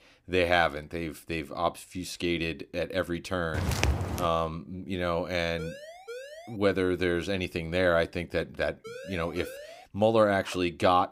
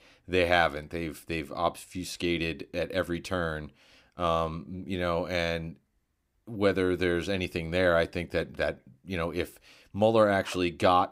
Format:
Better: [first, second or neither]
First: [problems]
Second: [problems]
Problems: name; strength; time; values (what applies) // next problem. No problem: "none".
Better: second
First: footsteps; loud; at 3.5 s; peak 1 dB above the speech // siren; faint; at 5.5 s and from 9 to 10 s; peak 15 dB below the speech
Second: none